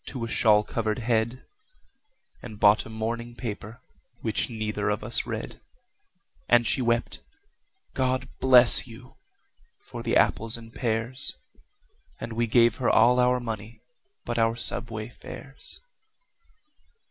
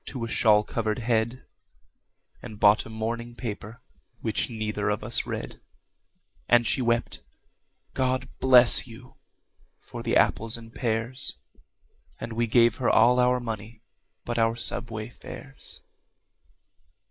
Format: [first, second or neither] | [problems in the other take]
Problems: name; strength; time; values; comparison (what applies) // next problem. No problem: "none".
first | noise reduction (neural mask model Resemble Enhance denoiser)